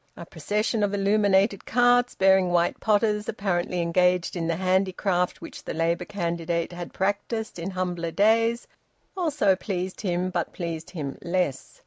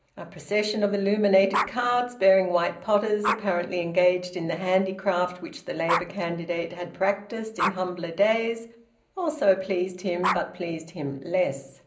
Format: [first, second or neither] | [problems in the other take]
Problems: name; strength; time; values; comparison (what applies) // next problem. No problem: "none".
first | background sound (Dog); 10 dB below the speech // room echo; dies away in 0.5 s